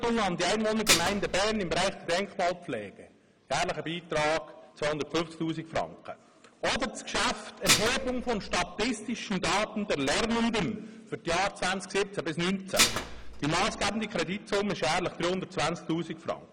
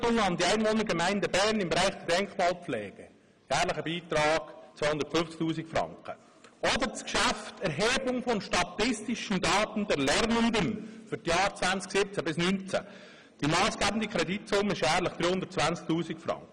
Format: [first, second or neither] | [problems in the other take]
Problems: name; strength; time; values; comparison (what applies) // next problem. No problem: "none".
second | background sound (Dishes, pots, and pans); as loud as the speech